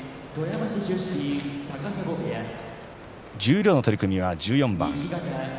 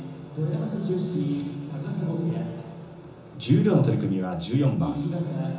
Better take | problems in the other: first | room echo; dies away in 0.7 s

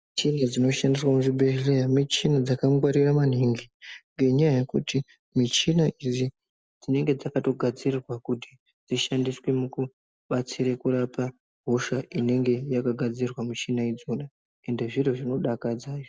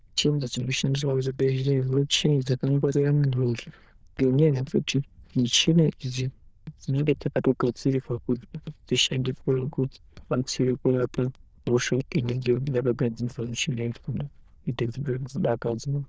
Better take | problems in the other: first | noise reduction (neural diffusion model UNIVERSE++)

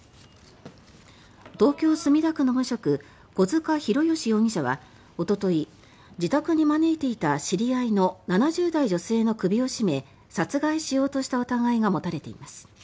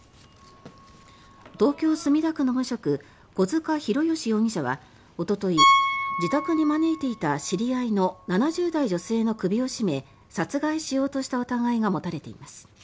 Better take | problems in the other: first | background sound (Piano); 6 dB below the speech

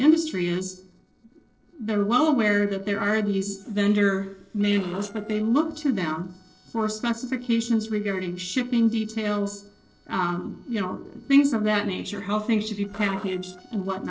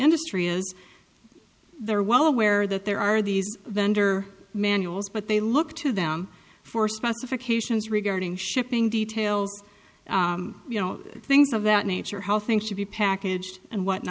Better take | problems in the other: second | noise reduction (neural separator model SepFormer DNS4)

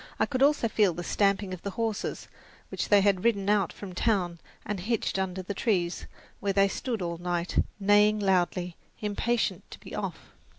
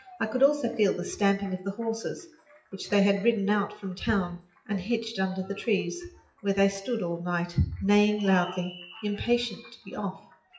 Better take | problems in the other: first | noise reduction (classical method WPE with log-MMSE)

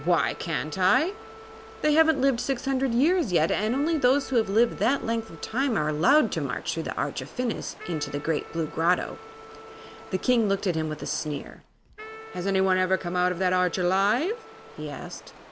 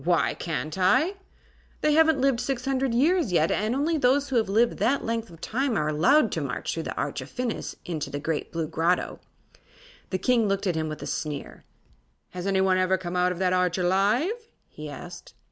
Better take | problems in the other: second | background sound (Wind instrument, woodwind instrument + Stream); 17 dB below the speech

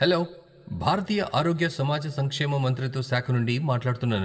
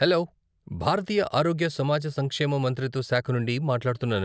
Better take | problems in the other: second | room echo; dies away in 1.2 s

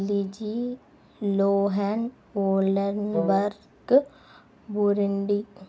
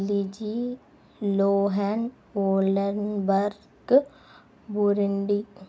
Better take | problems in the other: second | background sound (Wind instrument, woodwind instrument); 7 dB below the speech

